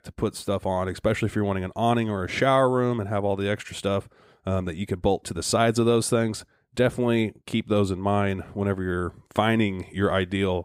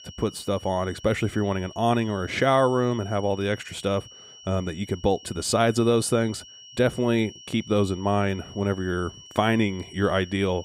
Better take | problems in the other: first | high-pitched whine; noticeable; throughout; 3 kHz, 20 dB below the speech

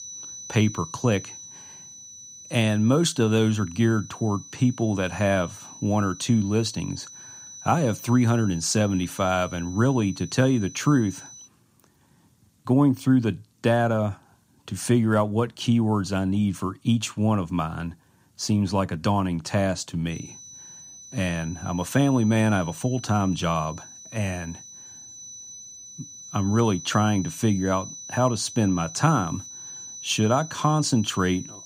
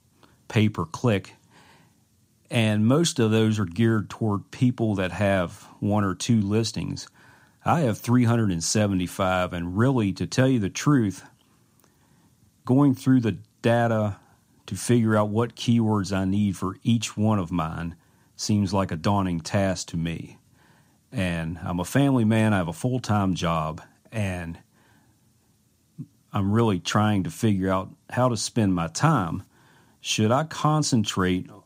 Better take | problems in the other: second | high-pitched whine; noticeable; until 11 s and from 20 s on; 6 kHz, 15 dB below the speech

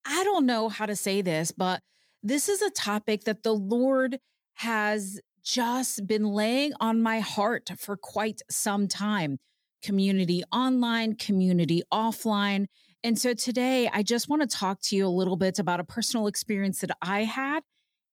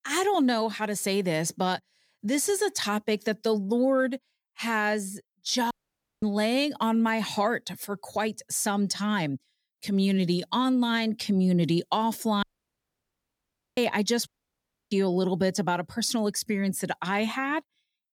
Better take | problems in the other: first | audio cutting out; at 5.5 s for 0.5 s, at 12 s for 1.5 s and at 14 s for 0.5 s

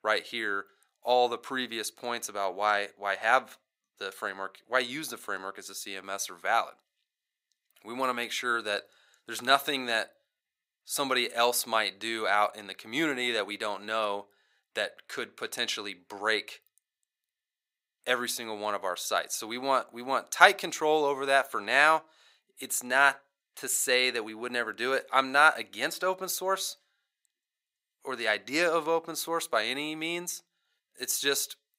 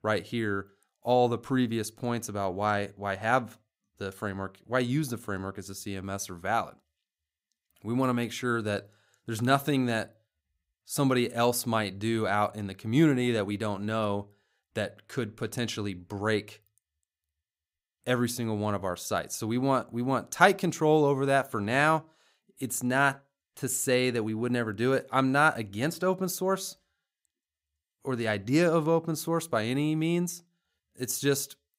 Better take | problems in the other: second | thin; very; fading below 550 Hz

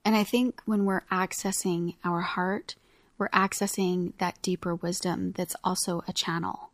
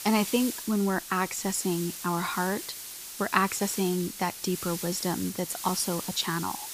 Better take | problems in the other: first | hiss; loud; throughout; 7 dB below the speech

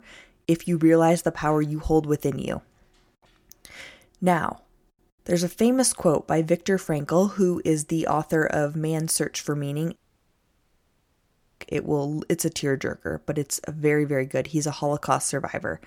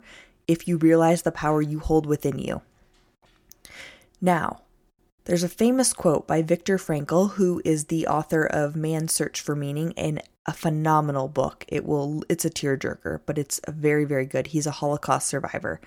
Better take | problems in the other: second | audio cutting out; at 10 s for 1.5 s

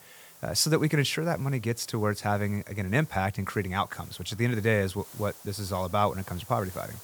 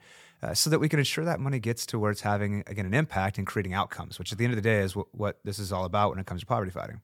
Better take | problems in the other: second | hiss; noticeable; throughout; 20 dB below the speech

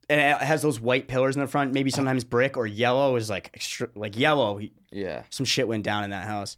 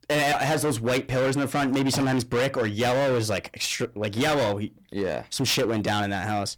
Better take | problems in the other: first | distortion; heavy; 23% of the sound clipped

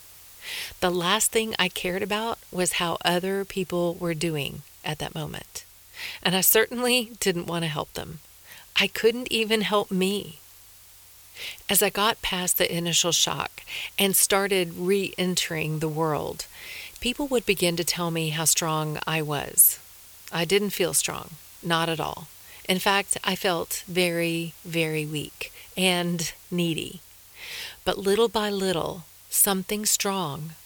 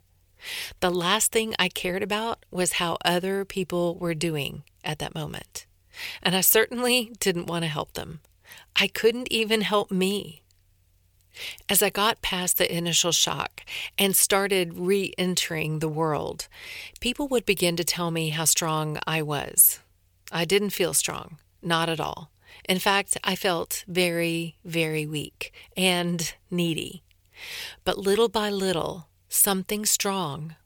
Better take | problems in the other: second | hiss; faint; throughout; 20 dB below the speech

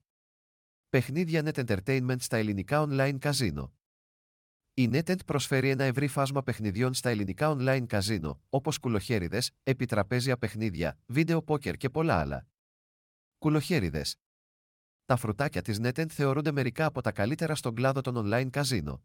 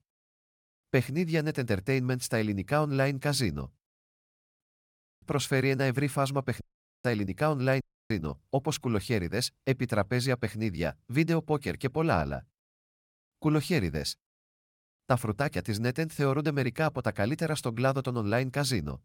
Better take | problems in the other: first | audio cutting out; at 4.5 s for 0.5 s, at 6.5 s and at 8 s

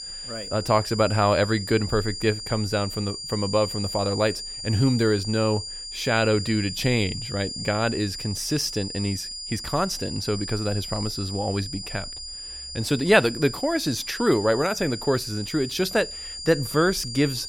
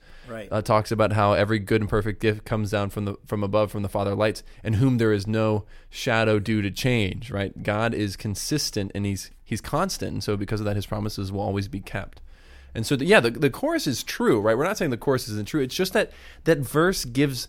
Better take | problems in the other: second | high-pitched whine; loud; throughout; 5 kHz, 8 dB below the speech

